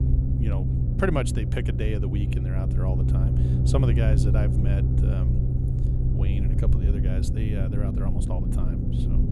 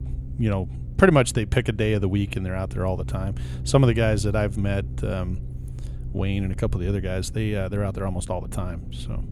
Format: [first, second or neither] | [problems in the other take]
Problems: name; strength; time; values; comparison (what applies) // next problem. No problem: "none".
second | low rumble; loud; throughout; 2 dB below the speech; faint in the second